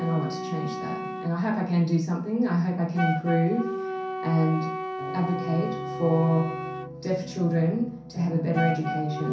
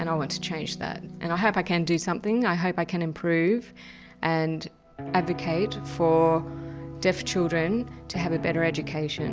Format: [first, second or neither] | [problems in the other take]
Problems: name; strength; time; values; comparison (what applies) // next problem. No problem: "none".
second | background sound (Wind instrument, woodwind instrument); 8 dB below the speech // room echo; dies away in 0.6 s